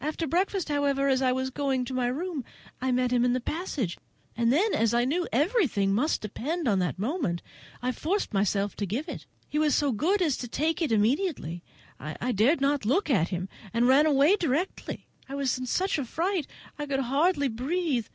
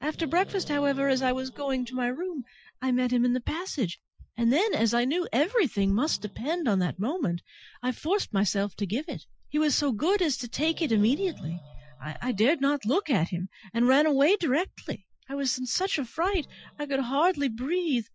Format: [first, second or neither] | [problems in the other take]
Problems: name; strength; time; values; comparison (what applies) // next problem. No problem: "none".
first | noise reduction (classical method Wiener filter)